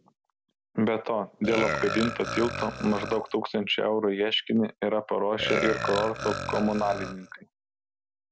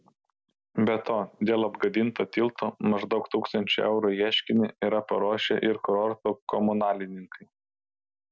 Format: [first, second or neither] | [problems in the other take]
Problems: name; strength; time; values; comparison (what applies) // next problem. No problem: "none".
second | background sound (Burping, eructation); 7 dB below the speech